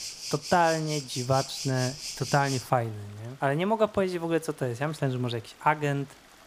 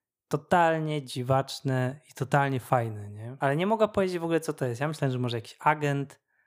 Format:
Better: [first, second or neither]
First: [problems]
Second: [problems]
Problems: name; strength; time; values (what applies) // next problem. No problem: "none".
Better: second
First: rain or running water; loud; throughout; 8 dB below the speech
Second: none